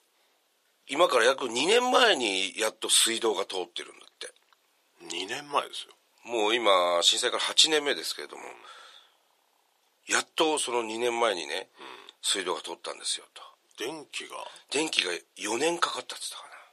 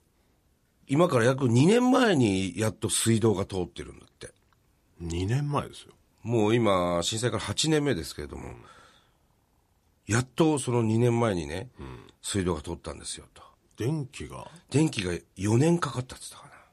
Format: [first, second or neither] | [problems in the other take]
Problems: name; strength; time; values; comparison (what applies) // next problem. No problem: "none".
second | thin; very; fading below 500 Hz